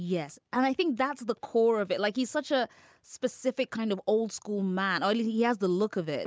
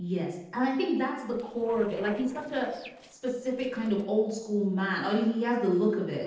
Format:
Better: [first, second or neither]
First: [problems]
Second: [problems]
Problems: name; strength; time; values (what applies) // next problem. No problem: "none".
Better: first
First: none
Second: noise reduction (neural separator model SepFormer DNS4)